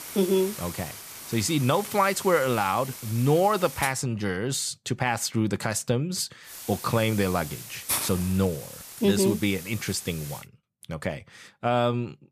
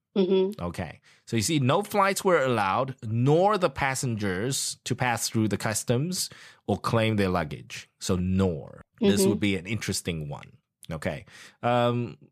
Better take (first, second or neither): second